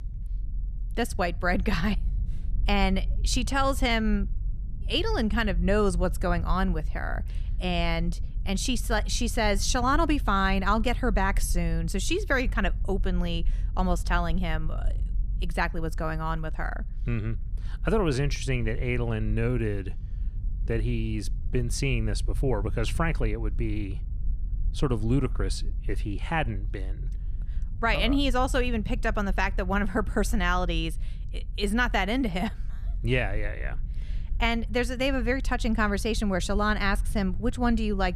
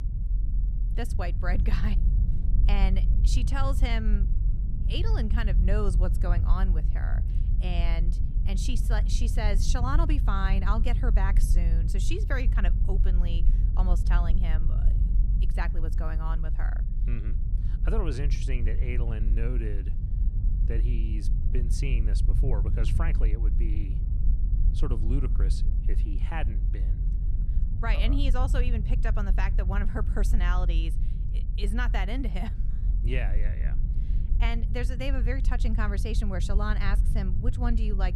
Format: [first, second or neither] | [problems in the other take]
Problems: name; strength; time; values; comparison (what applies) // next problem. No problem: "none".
first | low rumble; loud; throughout; 10 dB below the speech; faint in the first